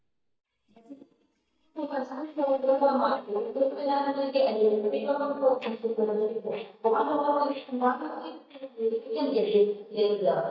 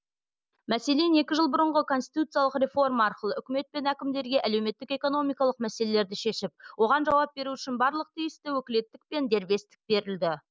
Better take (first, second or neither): second